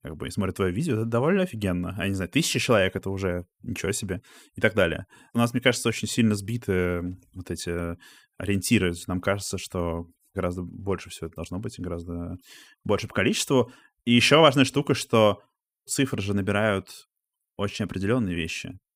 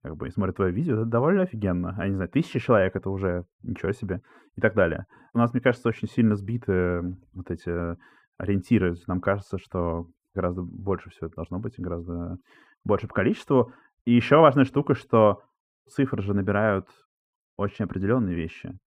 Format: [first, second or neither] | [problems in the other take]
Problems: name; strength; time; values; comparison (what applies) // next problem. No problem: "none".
first | muffled; very; fading above 2.5 kHz